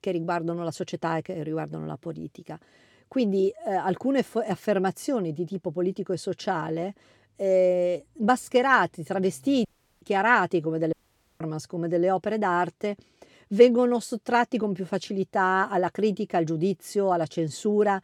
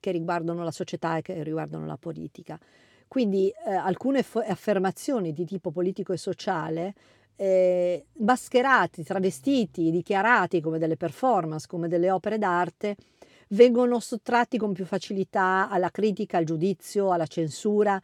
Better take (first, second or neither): second